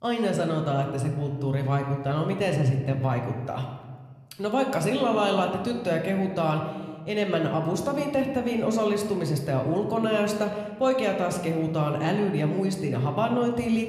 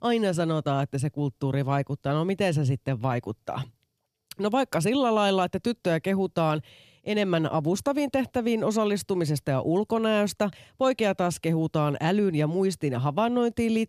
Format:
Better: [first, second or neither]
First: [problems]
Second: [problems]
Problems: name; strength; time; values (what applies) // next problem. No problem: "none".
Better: second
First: room echo; slight; dies away in 1.2 s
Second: none